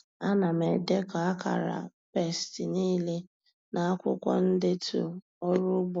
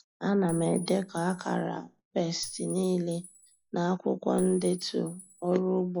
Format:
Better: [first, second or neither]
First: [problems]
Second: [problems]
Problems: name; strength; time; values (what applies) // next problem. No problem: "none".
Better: first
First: none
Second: noise reduction (classical method log-MMSE)